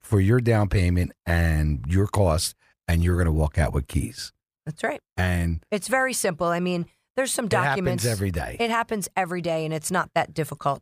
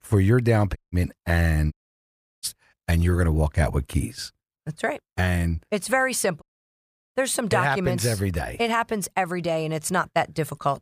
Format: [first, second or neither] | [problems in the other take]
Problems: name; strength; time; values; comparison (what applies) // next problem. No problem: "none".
first | audio cutting out; at 1 s, at 1.5 s for 0.5 s and at 6.5 s for 0.5 s